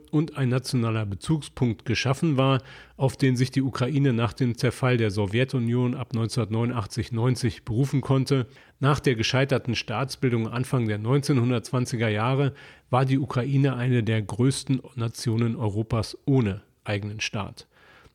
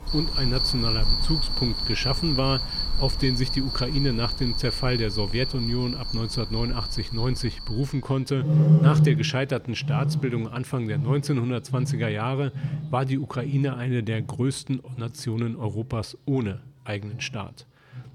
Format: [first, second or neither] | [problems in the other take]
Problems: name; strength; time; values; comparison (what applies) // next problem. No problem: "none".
first | animal sounds; very loud; throughout; 1 dB above the speech